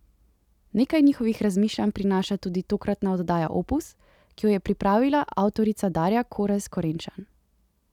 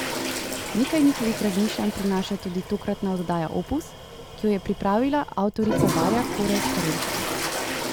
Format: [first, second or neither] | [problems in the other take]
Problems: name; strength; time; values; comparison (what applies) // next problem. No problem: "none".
first | background sound (Toilet flush); 4 dB below the speech